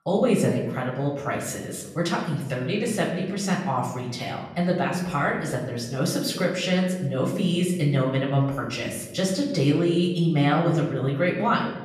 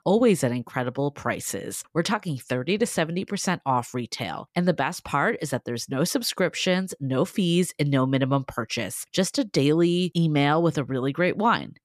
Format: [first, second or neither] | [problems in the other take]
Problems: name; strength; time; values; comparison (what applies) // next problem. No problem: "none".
second | off-mic speech; far // room echo; noticeable; dies away in 1 s